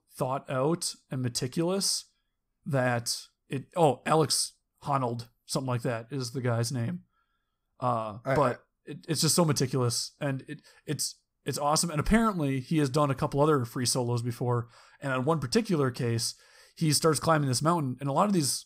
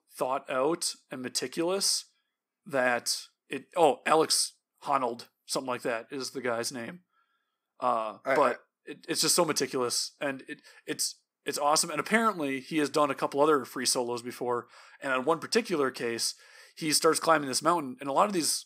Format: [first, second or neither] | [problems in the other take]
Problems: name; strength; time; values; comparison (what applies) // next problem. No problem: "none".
first | thin; somewhat; fading below 300 Hz